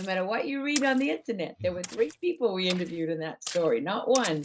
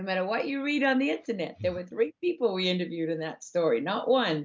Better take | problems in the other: second | noise reduction (neural mask model RNNoise)

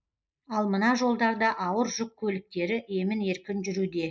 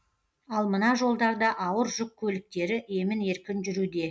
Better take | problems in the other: second | noise reduction (neural mask model Resemble Enhance denoiser)

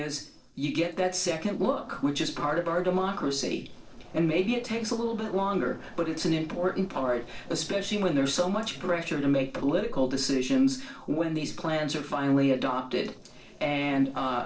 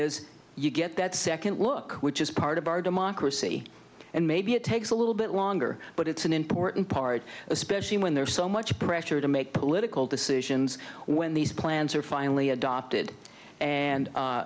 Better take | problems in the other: second | noise reduction (neural separator model SepFormer DNS4)

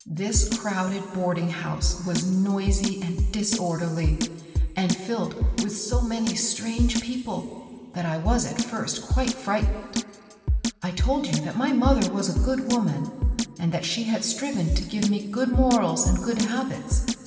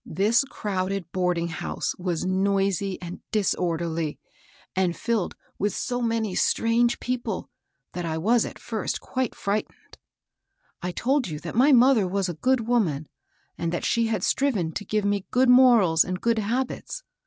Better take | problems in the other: second | background sound (Drum kit); 2 dB below the speech // room echo; dies away in 2.3 s

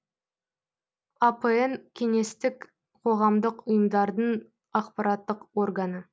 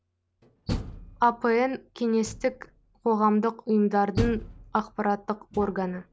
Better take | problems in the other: first | background sound (Door); 11 dB below the speech

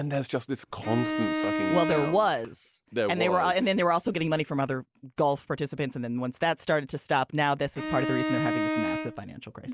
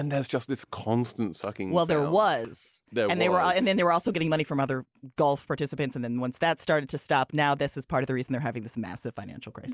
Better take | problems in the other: second | background sound (Bowed string instrument); 2 dB below the speech

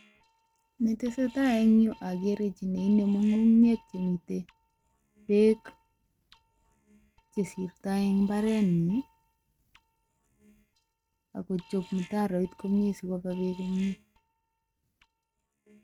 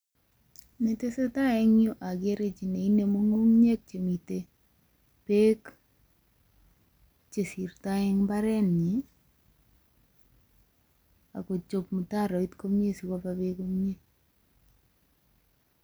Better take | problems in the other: second | noise reduction (neural mask model RNNoise)

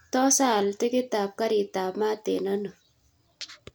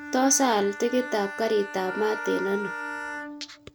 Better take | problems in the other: first | background sound (Bowed string instrument + Wind instrument, woodwind instrument); 9 dB below the speech

